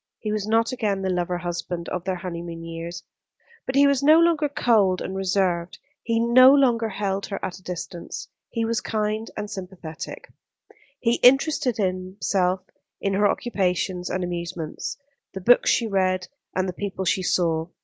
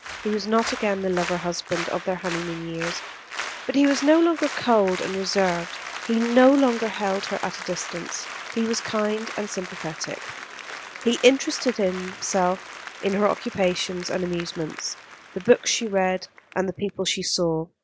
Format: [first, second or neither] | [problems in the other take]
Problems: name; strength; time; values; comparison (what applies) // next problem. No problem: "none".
first | background sound (Applause); 12 dB below the speech